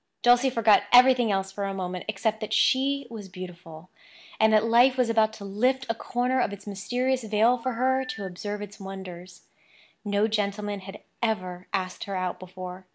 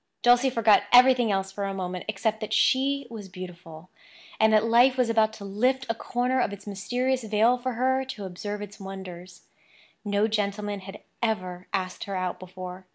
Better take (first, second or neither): second